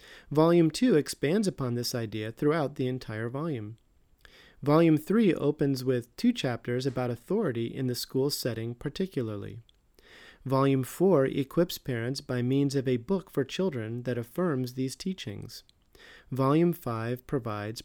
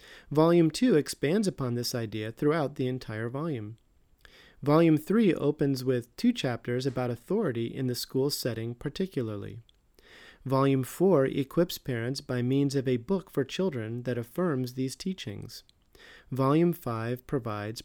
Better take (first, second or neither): neither